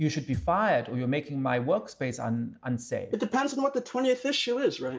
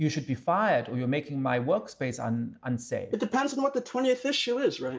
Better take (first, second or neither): second